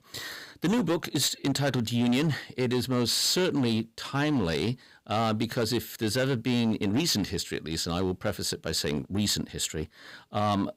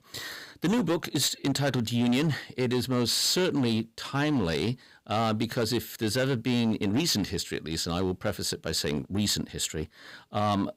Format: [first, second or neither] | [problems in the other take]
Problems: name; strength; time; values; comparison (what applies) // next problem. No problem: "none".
neither | distortion; slight; 9% of the sound clipped; the same in both